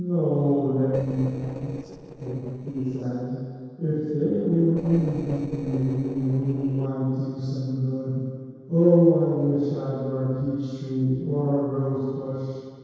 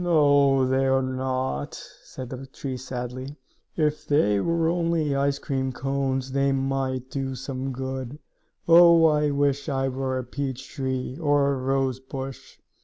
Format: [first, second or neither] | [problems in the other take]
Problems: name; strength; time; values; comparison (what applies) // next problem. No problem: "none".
second | noise reduction (neural separator model SepFormer DNS4)